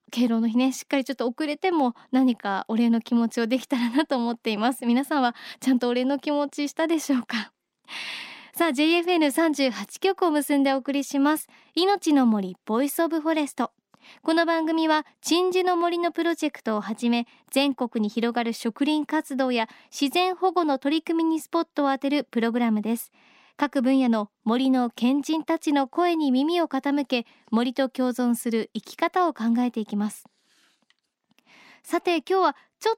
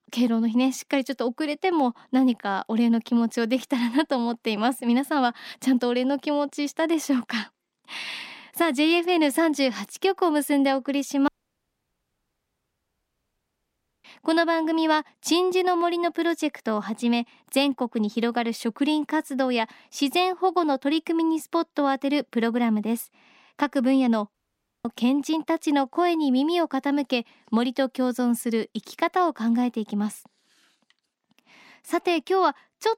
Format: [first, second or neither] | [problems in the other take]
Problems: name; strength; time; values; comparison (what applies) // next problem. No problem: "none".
first | audio cutting out; at 11 s for 3 s and at 24 s for 0.5 s